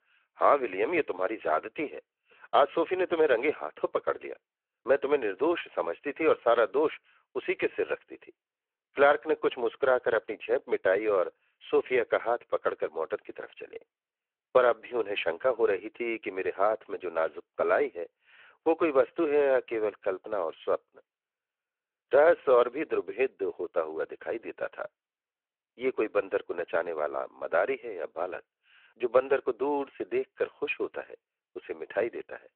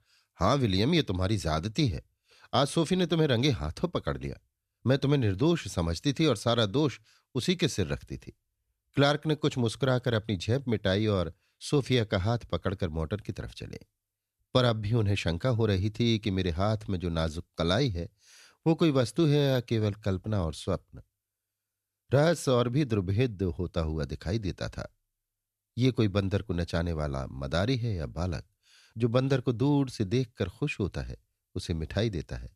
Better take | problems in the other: second | phone-call audio

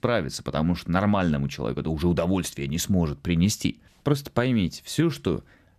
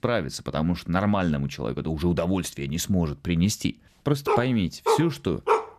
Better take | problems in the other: first | dog barking; loud; from 4.5 s on; peak 1 dB above the speech

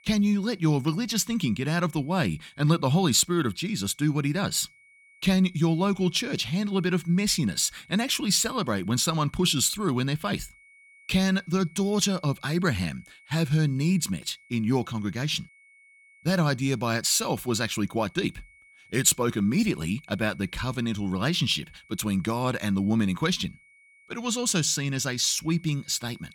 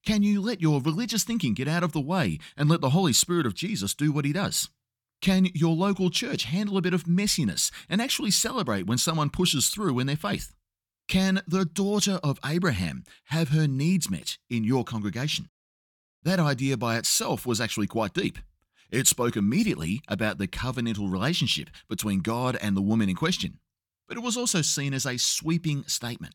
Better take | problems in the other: second | high-pitched whine; faint; throughout; 2 kHz, 30 dB below the speech

